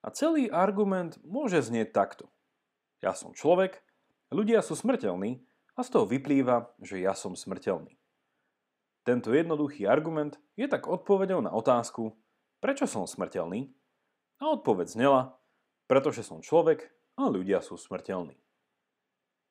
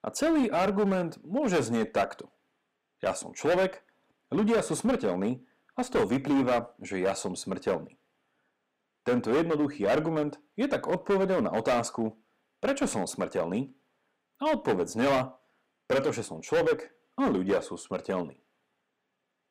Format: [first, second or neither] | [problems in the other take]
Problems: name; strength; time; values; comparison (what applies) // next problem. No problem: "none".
first | distortion; heavy; 9% of the sound clipped